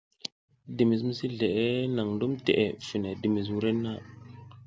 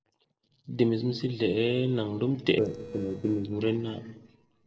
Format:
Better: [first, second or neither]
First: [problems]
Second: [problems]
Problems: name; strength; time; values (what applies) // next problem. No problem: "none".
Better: first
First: none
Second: noise reduction (neural separator model SepFormer DNS4)